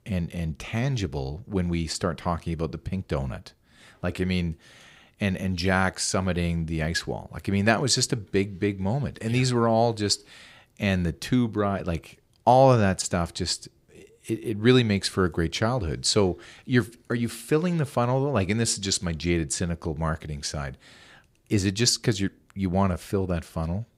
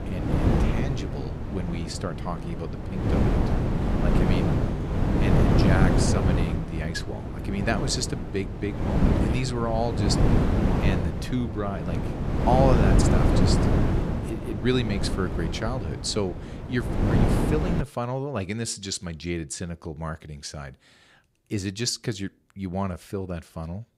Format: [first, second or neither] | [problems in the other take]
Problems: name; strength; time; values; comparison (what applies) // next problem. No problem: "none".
first | wind noise on the microphone; heavy; until 18 s; as loud as the speech